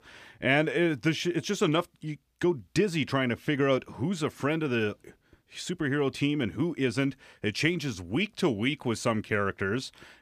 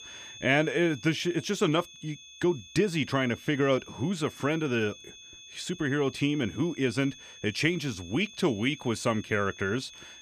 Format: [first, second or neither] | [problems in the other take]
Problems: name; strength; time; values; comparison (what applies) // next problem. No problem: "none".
first | high-pitched whine; noticeable; throughout; 3.5 kHz, 20 dB below the speech